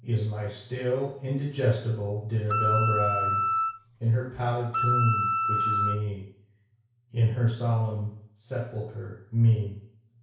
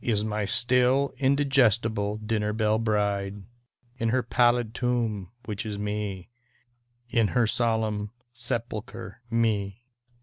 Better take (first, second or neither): second